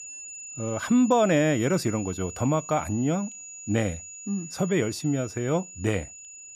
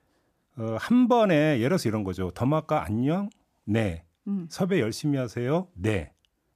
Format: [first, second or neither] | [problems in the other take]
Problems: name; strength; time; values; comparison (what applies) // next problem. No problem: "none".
second | high-pitched whine; noticeable; throughout; 7 kHz, 15 dB below the speech